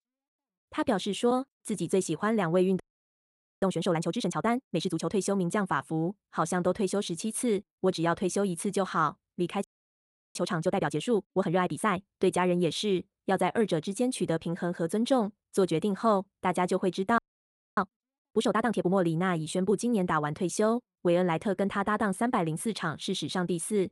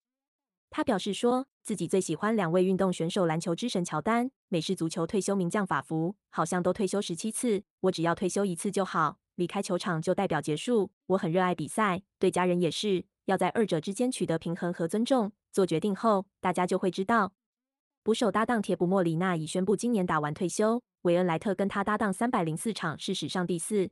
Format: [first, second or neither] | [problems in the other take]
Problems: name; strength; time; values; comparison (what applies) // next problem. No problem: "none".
second | audio freezing; at 3 s for 1 s, at 9.5 s for 0.5 s and at 17 s for 0.5 s